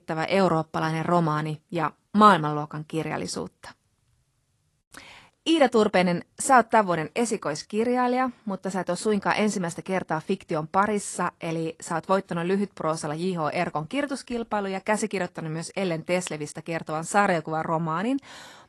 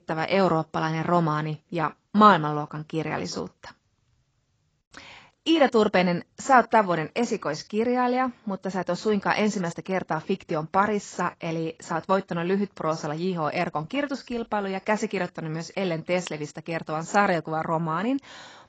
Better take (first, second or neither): first